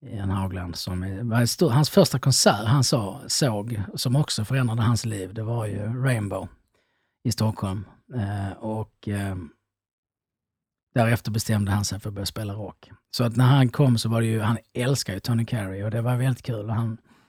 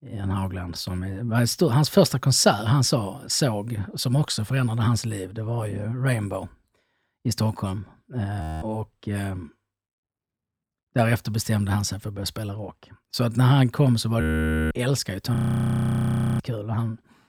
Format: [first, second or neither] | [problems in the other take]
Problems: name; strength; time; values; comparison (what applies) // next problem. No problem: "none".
first | audio freezing; at 8.5 s, at 14 s for 0.5 s and at 15 s for 1 s